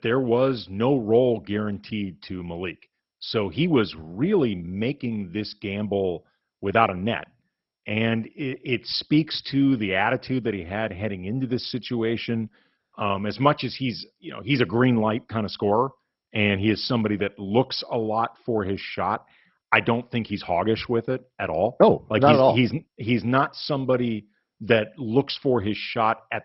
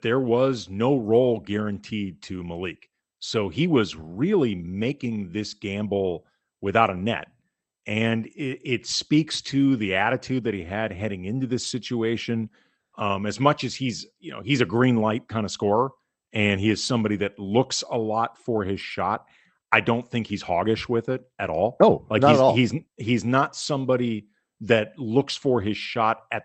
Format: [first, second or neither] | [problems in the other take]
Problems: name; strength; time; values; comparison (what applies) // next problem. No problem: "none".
second | garbled, watery; badly; nothing above 5.5 kHz; slightly in the second